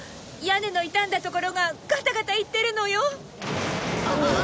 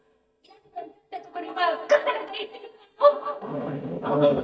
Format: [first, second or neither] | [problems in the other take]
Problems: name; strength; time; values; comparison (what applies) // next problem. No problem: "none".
first | noise reduction (neural mask model DeepFilterNet 3)